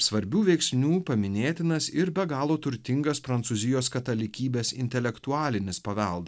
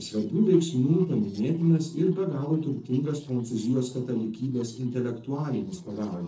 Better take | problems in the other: first | noise reduction (neural separator model SepFormer DNS4)

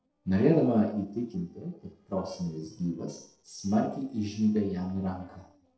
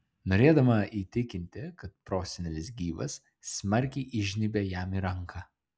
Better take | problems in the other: second | noise reduction (neural separator model SepFormer DNS4)

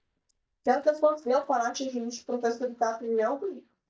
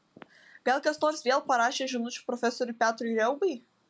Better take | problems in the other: second | noise reduction (neural mask model DeepFilterNet 3)

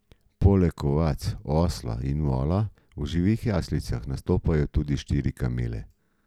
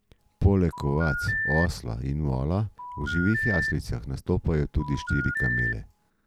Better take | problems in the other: first | background sound (Telephone); 6 dB below the speech

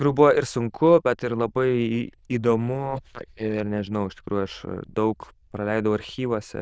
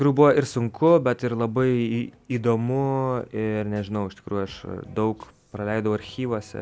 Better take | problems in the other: second | noise reduction (neural diffusion model UNIVERSE++)

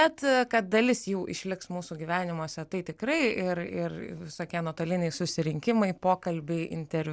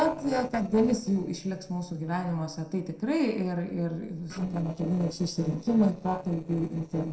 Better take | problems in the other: first | noise reduction (neural separator model SepFormer DNS4)

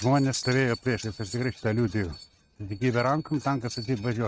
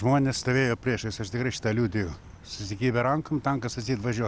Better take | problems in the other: second | noise reduction (neural mask model RNNoise)

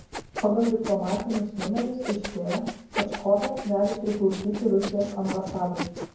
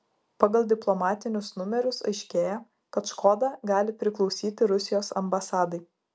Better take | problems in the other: second | background sound (Sawing); 10 dB below the speech // room echo; dies away in 0.9 s

